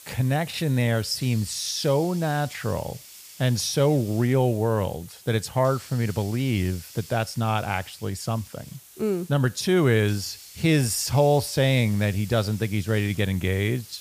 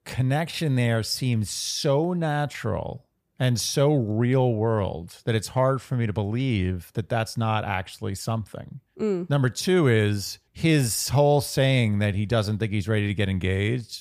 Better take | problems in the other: second | hiss; noticeable; throughout; 20 dB below the speech

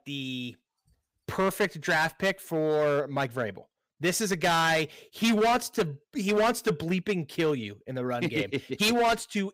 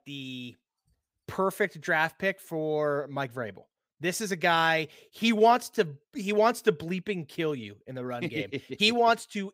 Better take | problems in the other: second | distortion; heavy; 8% of the sound clipped

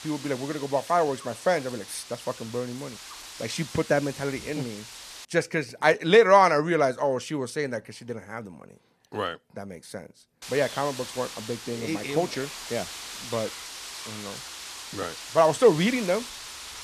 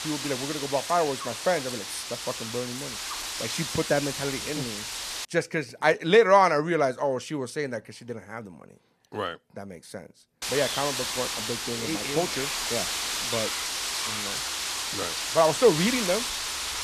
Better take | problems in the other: first | wind noise on the microphone; heavy; until 5.5 s and from 10 s on; 4 dB below the speech; occasional gusts in the first

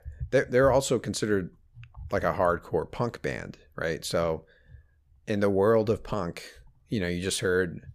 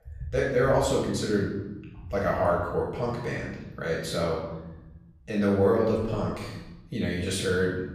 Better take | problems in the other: first | off-mic speech; far // room echo; noticeable; dies away in 1 s

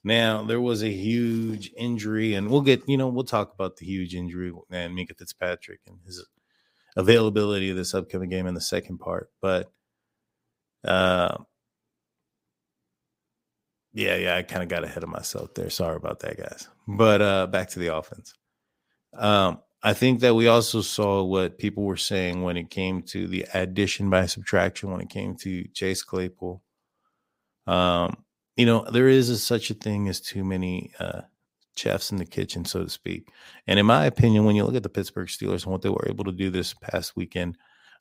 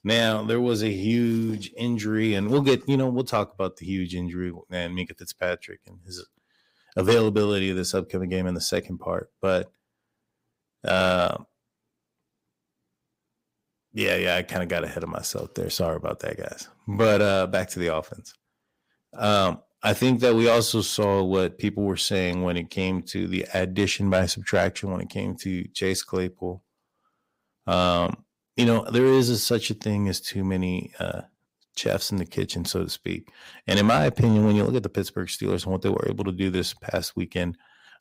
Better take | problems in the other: first | distortion; slight; 10 dB below the speech

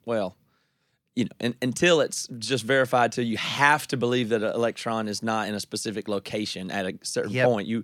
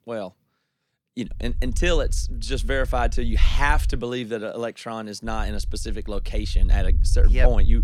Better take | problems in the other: first | low rumble; noticeable; from 1.5 to 4 s and from 5.5 s on; 20 dB below the speech

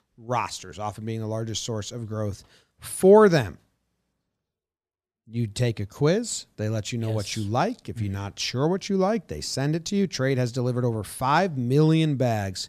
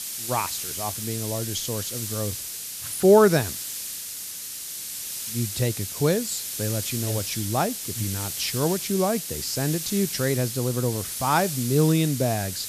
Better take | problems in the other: first | hiss; loud; throughout; 5 dB below the speech

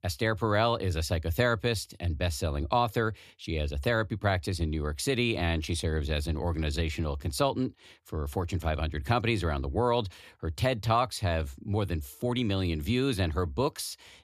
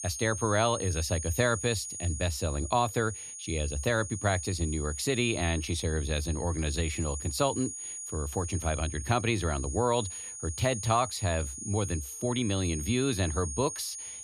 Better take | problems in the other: first | high-pitched whine; loud; throughout; 6.5 kHz, 7 dB below the speech

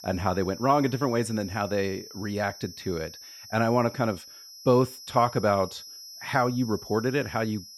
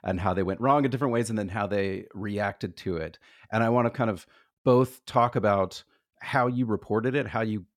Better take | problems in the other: second | high-pitched whine; noticeable; throughout; 5.5 kHz, 15 dB below the speech

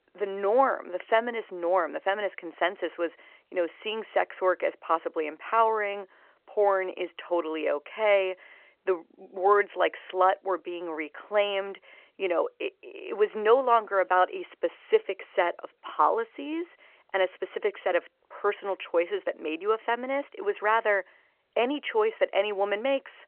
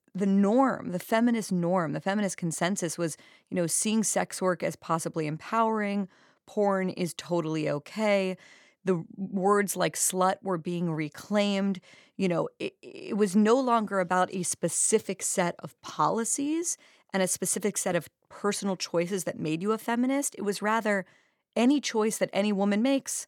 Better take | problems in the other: second | phone-call audio

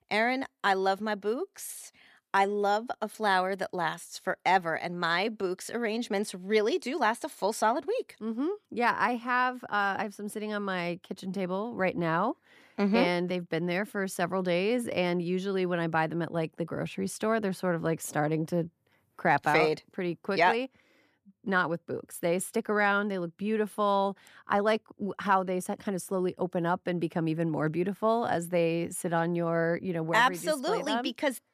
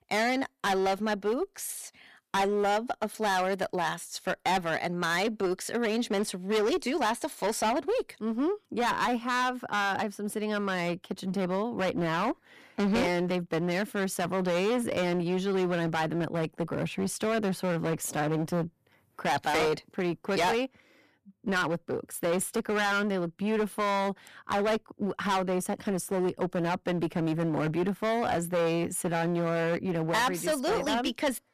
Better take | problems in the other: first | distortion; heavy; 16% of the sound clipped

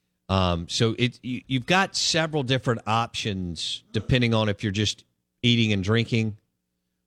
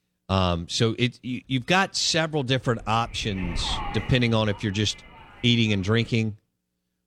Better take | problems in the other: first | wind noise on the microphone; occasional gusts; from 2.5 to 6 s; 15 dB below the speech

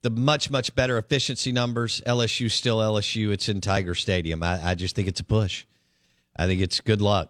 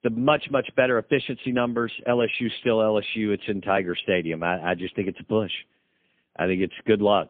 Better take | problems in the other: first | phone-call audio; poor line; nothing above 3.5 kHz

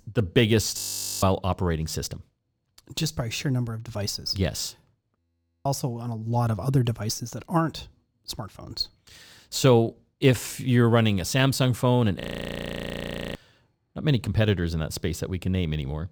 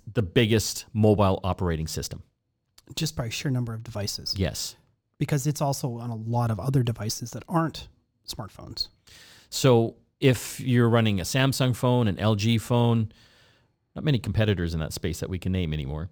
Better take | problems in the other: second | audio freezing; at 1 s, at 5 s and at 12 s for 1 s

